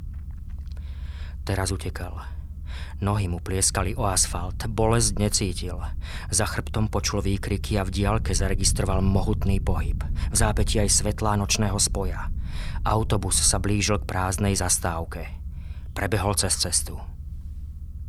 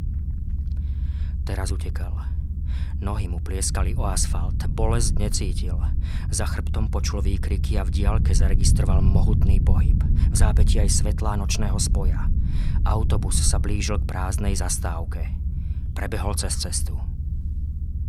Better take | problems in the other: first | low rumble; loud; throughout; 10 dB below the speech; faint in the first

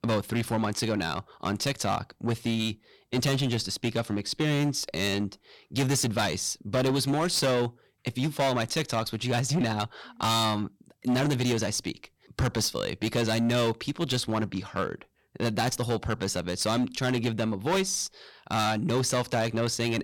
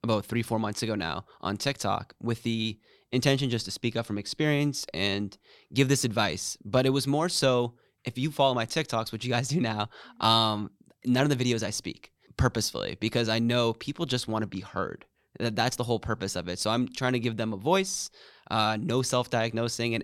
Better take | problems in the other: second | distortion; heavy; 11% of the sound clipped

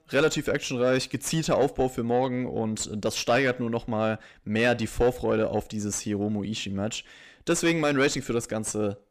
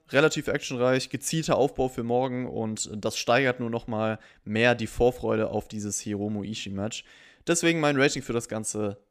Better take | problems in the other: second | distortion; slight; 10 dB below the speech

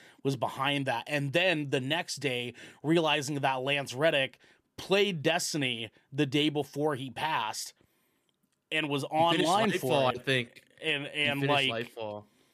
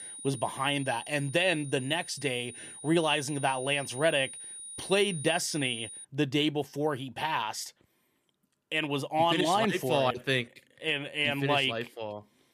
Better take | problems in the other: first | high-pitched whine; noticeable; until 6 s; 9.5 kHz, 10 dB below the speech

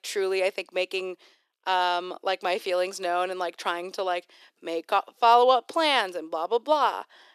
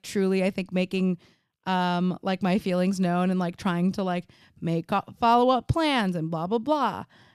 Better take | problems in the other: second | thin; very; fading below 400 Hz

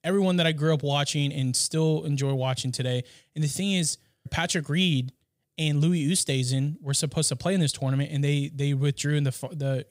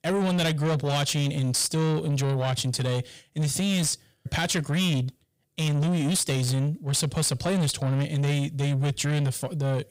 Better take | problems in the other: first | distortion; slight; 10 dB below the speech

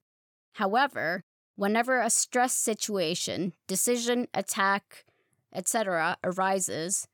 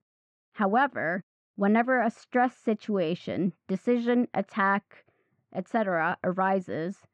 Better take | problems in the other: first | muffled; very; fading above 2 kHz

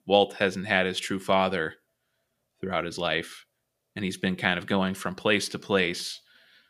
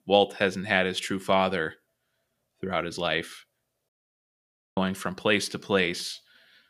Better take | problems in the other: first | audio cutting out; at 4 s for 1 s

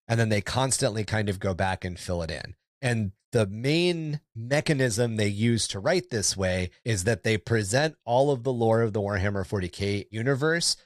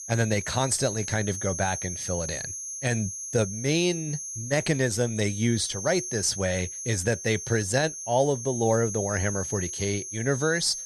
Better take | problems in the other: first | high-pitched whine; loud; throughout; 6.5 kHz, 6 dB below the speech

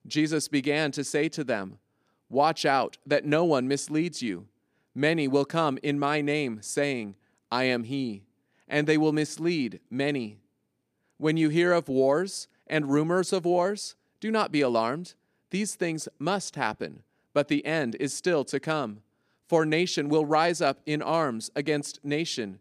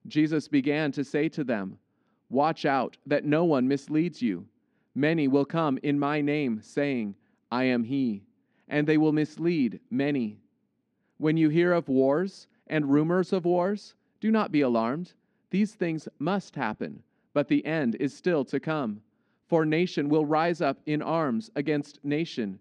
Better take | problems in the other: first | muffled; slightly; fading above 3.5 kHz

